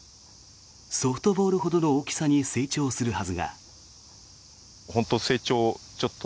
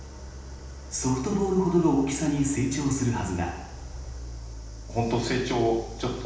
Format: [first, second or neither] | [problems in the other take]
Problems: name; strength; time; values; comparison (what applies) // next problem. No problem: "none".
first | background sound (Idling); 12 dB below the speech // room echo; dies away in 0.9 s